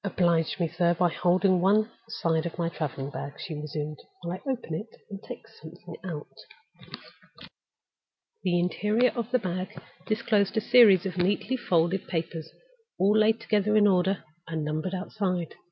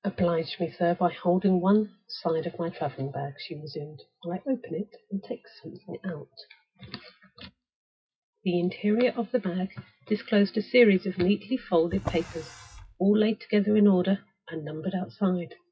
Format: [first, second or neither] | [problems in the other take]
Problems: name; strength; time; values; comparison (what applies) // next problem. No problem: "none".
first | noise reduction (classical method WPE with log-MMSE)